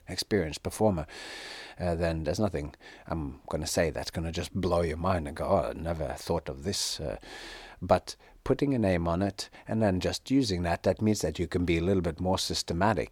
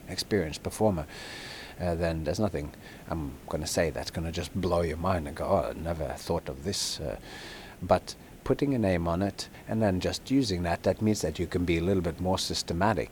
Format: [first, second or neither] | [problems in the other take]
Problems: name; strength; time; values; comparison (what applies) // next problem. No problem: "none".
first | hiss; faint; throughout; 20 dB below the speech